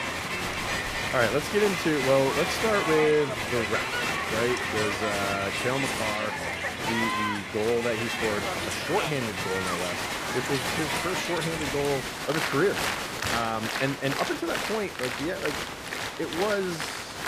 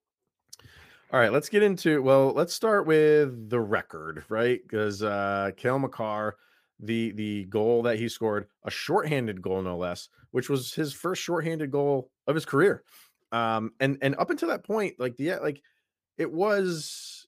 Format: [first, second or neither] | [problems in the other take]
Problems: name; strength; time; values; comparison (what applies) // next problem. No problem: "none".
second | crowd noise; very loud; throughout; as loud as the speech